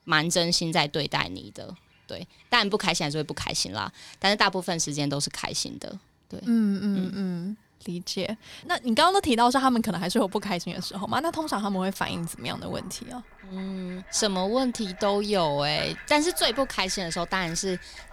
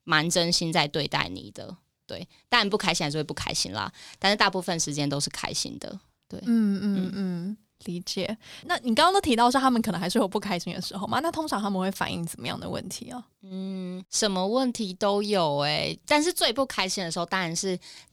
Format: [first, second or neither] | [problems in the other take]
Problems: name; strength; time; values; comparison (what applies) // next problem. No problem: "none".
second | animal sounds; faint; throughout; 20 dB below the speech